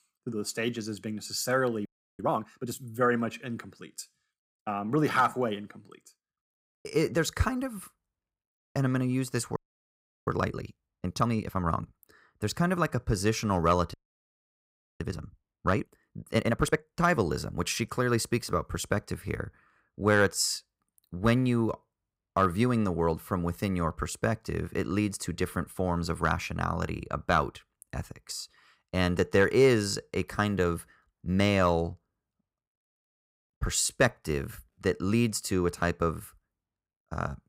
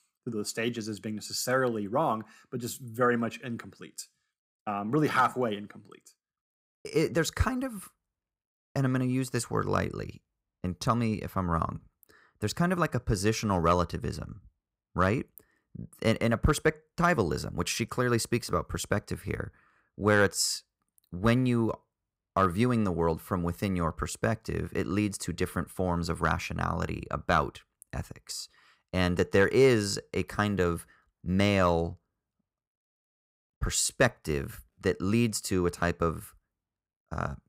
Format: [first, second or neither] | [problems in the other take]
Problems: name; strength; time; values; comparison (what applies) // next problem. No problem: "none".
second | audio freezing; at 2 s, at 9.5 s for 0.5 s and at 14 s for 1 s